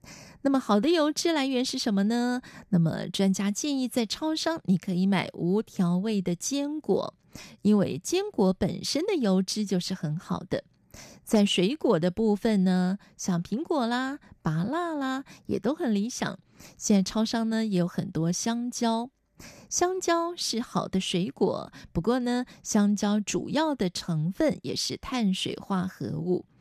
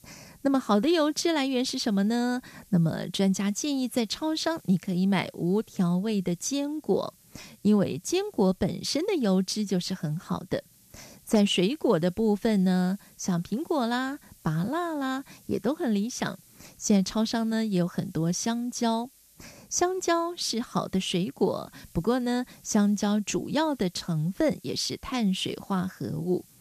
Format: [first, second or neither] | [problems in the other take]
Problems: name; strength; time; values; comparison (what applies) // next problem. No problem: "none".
first | hiss; faint; throughout; 30 dB below the speech